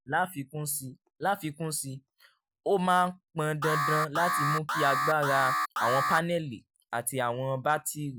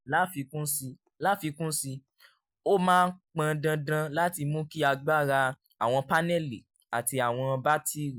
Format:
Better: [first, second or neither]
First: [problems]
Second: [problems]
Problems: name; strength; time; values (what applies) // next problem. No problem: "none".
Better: second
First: background sound (Alarm); as loud as the speech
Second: none